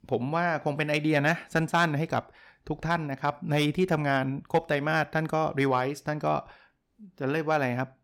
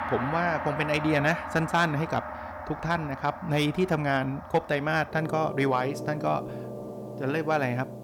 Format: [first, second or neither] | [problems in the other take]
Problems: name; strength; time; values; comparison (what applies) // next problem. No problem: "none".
first | background music; loud; throughout; 9 dB below the speech